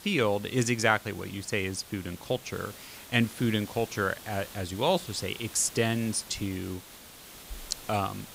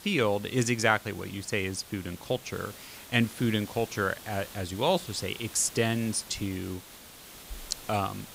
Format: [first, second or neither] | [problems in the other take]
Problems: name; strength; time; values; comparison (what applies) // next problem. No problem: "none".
neither | hiss; noticeable; throughout; 15 dB below the speech; the same in both